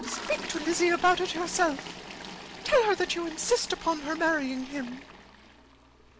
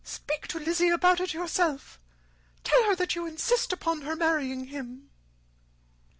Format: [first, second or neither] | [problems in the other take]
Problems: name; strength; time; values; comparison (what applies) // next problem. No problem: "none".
second | background sound (Toilet flush); 13 dB below the speech